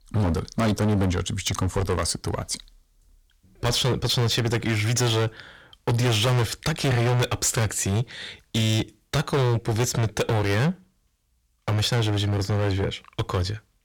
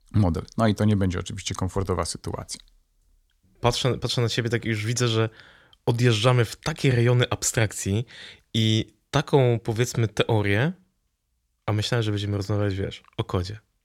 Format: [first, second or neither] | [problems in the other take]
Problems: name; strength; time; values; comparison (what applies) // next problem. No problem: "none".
second | distortion; heavy; 19% of the sound clipped